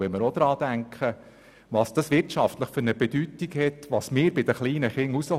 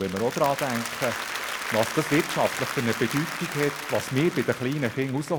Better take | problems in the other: first | background sound (Applause); 6 dB below the speech

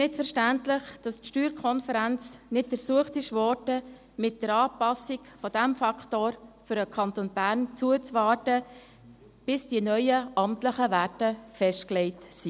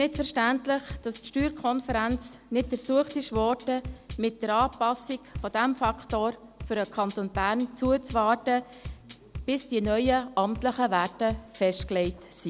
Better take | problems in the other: first | background sound (Bass drum / Drum kit); 15 dB below the speech

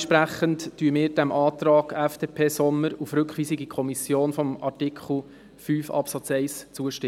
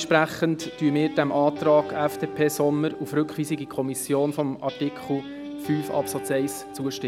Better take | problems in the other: first | background sound (Guitar); 12 dB below the speech

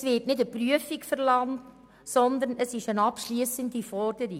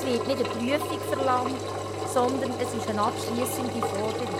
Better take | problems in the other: first | background sound (Engine); 1 dB below the speech

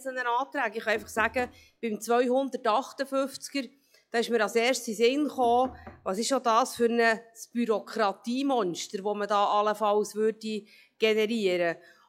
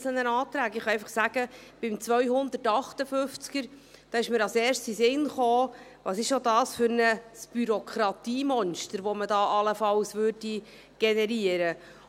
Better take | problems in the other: second | noise reduction (classical method log-MMSE)

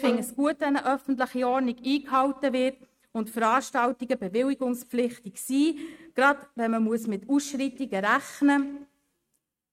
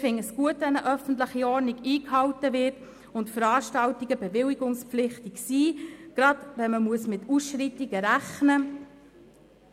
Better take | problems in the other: second | noise reduction (neural mask model RNNoise)

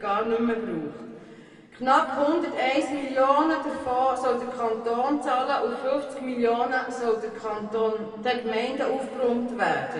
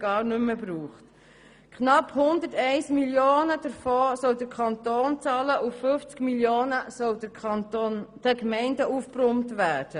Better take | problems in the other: second | room echo; dies away in 2.1 s

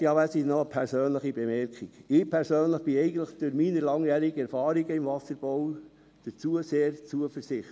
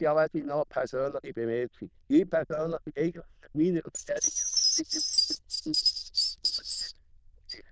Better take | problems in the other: first | noise reduction (neural diffusion model UNIVERSE++)

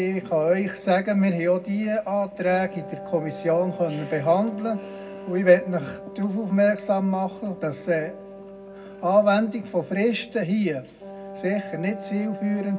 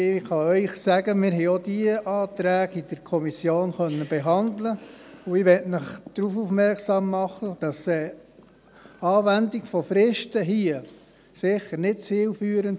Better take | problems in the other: second | background sound (Wind instrument, woodwind instrument); 15 dB below the speech // room echo; dies away in 0.3 s

